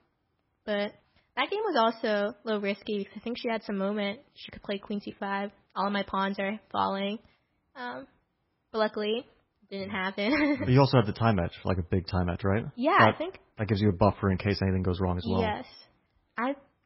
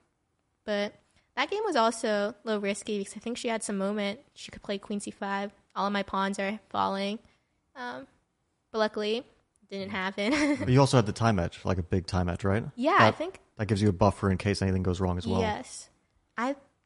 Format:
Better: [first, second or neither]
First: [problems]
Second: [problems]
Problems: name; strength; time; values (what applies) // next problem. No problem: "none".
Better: second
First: garbled, watery; badly; nothing above 5.5 kHz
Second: garbled, watery; slightly; nothing above 10.5 kHz